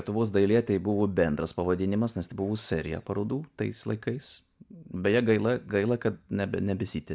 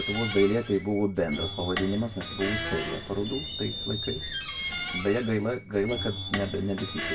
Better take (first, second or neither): first